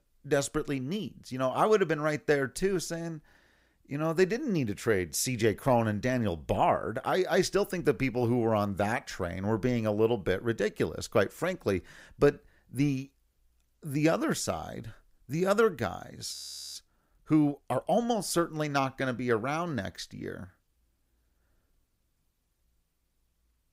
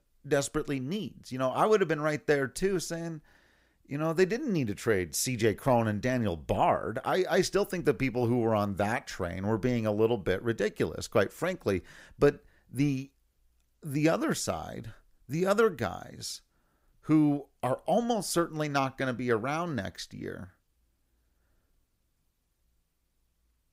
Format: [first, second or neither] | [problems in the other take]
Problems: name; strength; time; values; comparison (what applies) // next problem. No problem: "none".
second | audio freezing; at 16 s